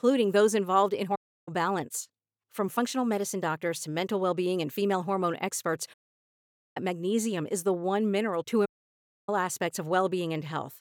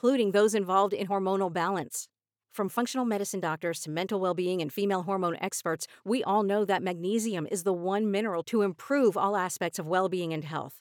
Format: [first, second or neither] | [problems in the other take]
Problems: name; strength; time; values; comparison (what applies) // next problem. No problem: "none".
second | audio cutting out; at 1 s, at 6 s for 1 s and at 8.5 s for 0.5 s